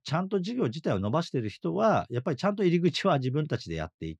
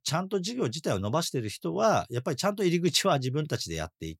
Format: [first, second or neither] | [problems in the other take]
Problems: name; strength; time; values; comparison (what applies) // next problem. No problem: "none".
second | muffled; slightly; fading above 3 kHz